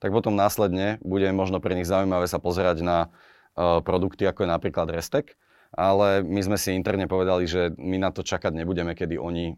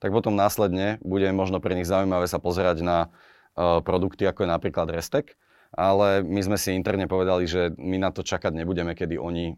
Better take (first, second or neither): neither